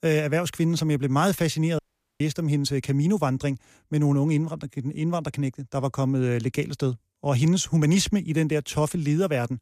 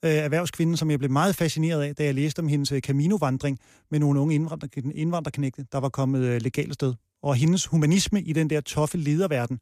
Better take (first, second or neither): second